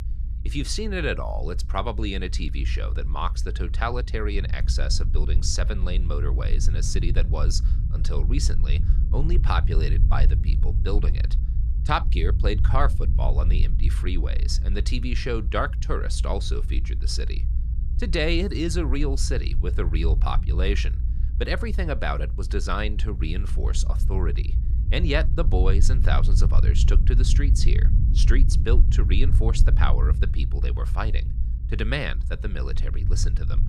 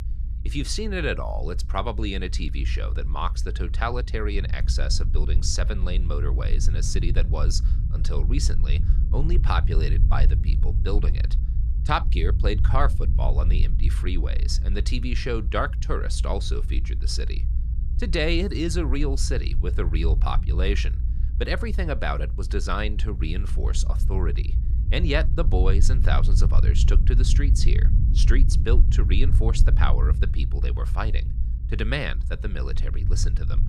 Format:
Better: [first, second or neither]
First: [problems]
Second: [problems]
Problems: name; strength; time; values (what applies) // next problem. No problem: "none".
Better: neither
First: low rumble; noticeable; throughout; 10 dB below the speech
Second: low rumble; noticeable; throughout; 10 dB below the speech